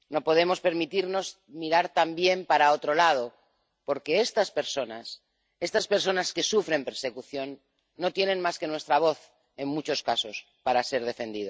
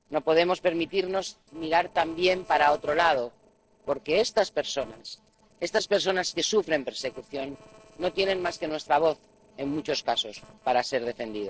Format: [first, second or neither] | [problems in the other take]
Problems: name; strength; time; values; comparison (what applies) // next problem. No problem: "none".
first | noise reduction (neural separator model SepFormer DNS4)